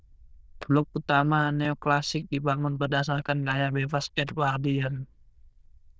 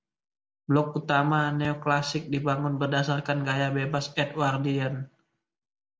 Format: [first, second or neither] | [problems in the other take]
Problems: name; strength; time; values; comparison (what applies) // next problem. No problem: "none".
second | noise reduction (neural diffusion model UNIVERSE++)